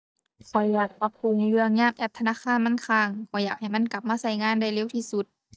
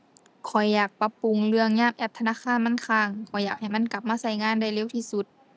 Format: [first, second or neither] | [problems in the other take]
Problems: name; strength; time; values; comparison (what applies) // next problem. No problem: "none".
second | noise reduction (neural mask model DeepFilterNet 3)